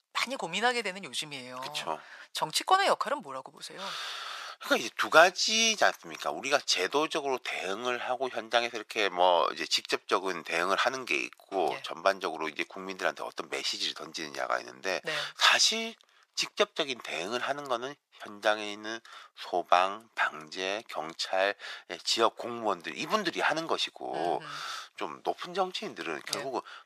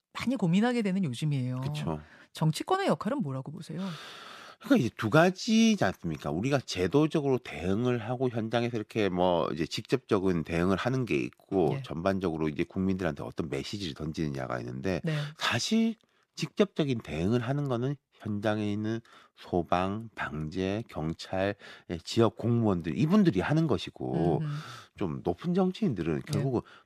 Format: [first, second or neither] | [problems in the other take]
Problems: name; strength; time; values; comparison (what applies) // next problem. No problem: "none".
second | thin; very; fading below 800 Hz